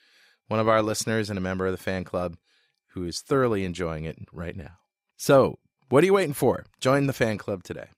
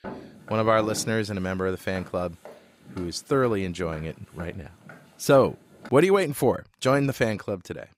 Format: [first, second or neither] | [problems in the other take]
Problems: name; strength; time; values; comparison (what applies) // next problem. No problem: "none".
first | footsteps; faint; until 6 s; peak 15 dB below the speech